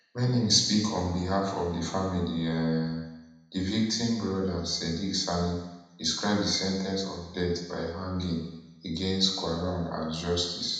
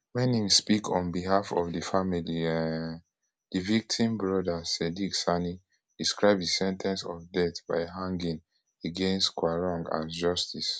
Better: second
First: room echo; dies away in 1 s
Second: none

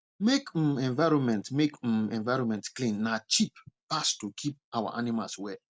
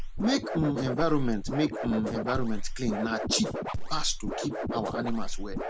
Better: first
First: none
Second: background sound (Scratching (performance technique)); as loud as the speech

